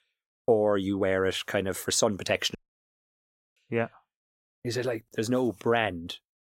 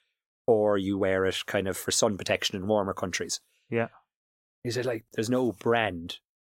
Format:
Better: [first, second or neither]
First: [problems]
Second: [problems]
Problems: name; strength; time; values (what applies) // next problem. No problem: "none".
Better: second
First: audio cutting out; at 2.5 s for 1 s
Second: none